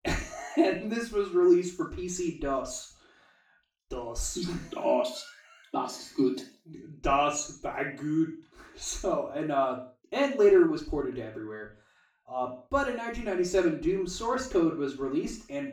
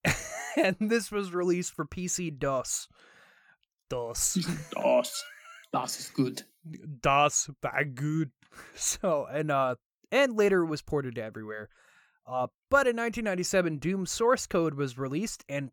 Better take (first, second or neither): second